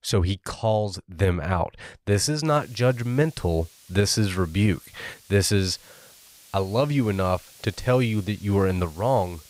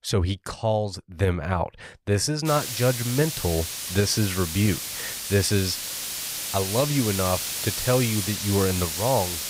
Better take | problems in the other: first | hiss; loud; from 2.5 s on; 3 dB below the speech; faint in the first

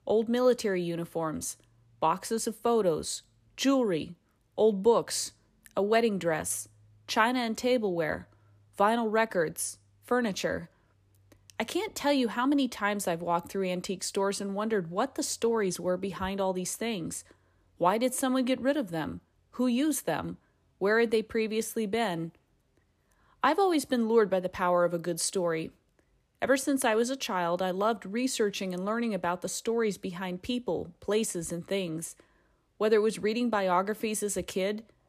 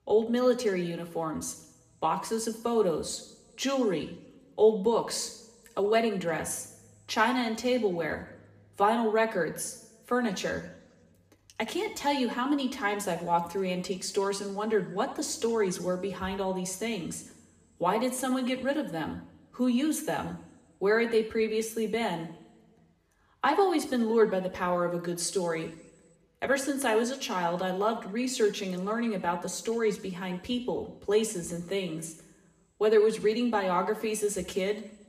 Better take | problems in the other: first | room echo; slight; dies away in 0.8 s

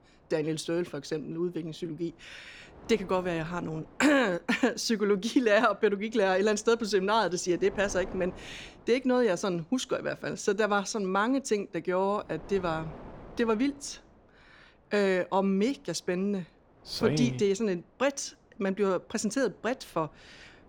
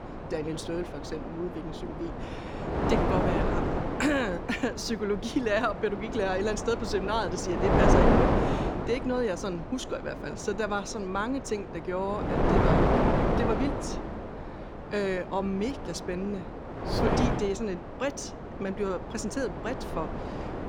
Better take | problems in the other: first | wind noise on the microphone; heavy; as loud as the speech; occasional gusts in the first

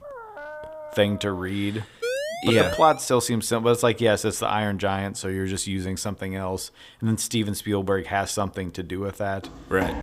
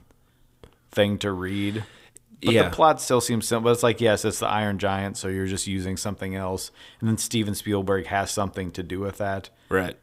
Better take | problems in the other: second | dog barking; faint; until 1.5 s; peak 15 dB below the speech // siren; noticeable; at 2 s; peak 3 dB below the speech // footsteps; noticeable; at 9.5 s; peak 8 dB below the speech

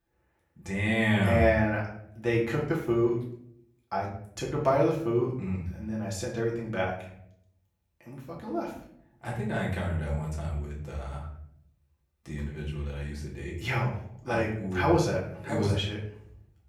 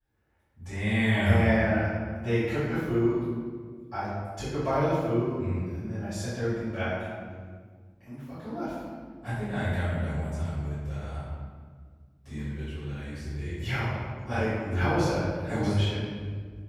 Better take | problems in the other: first | room echo; strong; dies away in 1.7 s; slight in the first // off-mic speech; far; far in the first

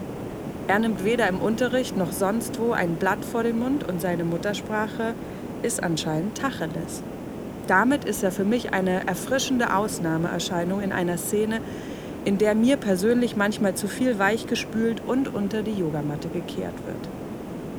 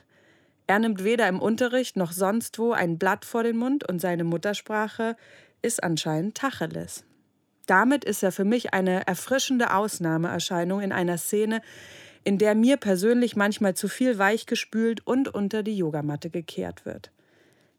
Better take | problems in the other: second | hiss; loud; throughout; 9 dB below the speech

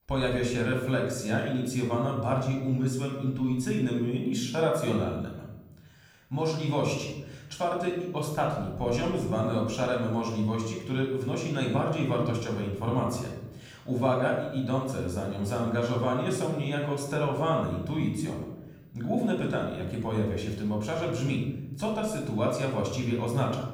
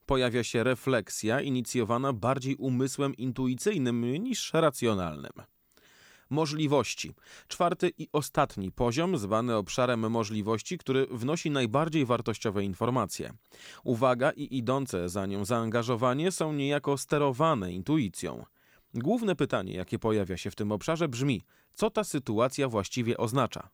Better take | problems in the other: second | off-mic speech; somewhat distant // room echo; noticeable; dies away in 1 s

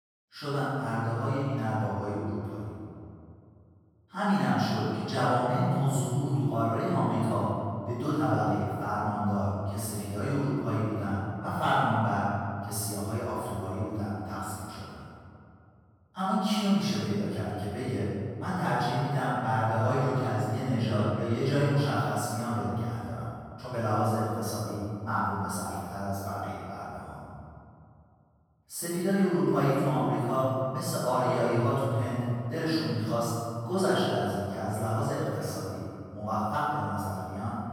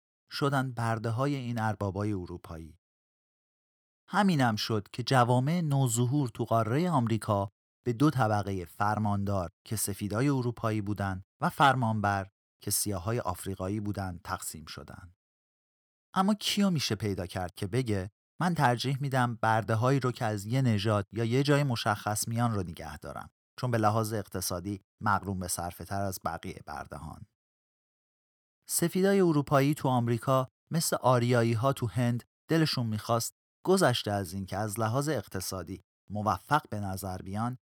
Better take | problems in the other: second | room echo; strong; dies away in 2.2 s // off-mic speech; far

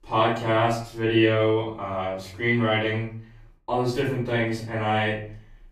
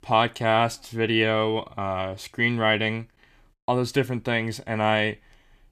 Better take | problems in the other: second | room echo; noticeable; dies away in 0.5 s // off-mic speech; far

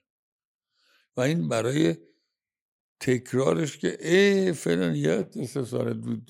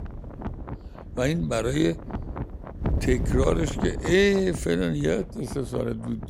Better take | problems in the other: first | wind noise on the microphone; occasional gusts; 15 dB below the speech

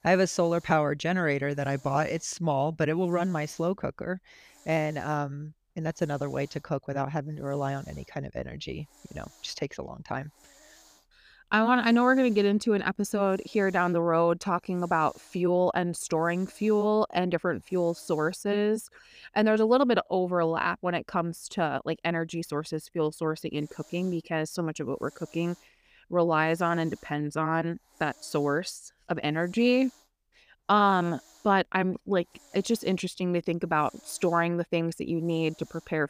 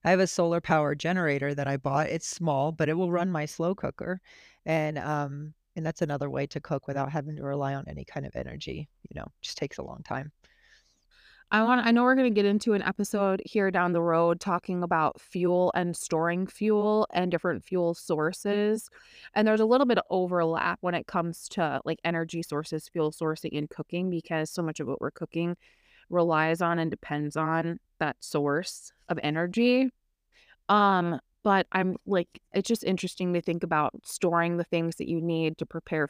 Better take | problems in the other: second | hiss; faint; until 19 s and from 24 s on; 30 dB below the speech

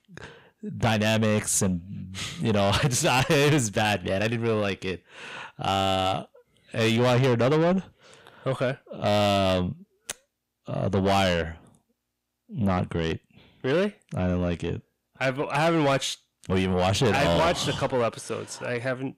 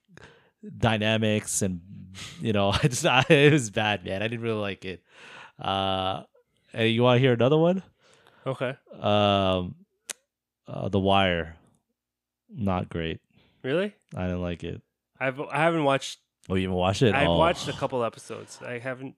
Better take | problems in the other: second | distortion; heavy; 6 dB below the speech

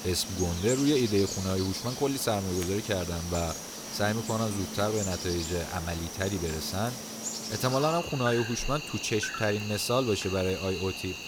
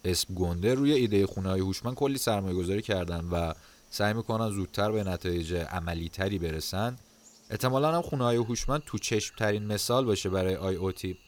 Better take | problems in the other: second | animal sounds; loud; throughout; 6 dB below the speech; faint in the second

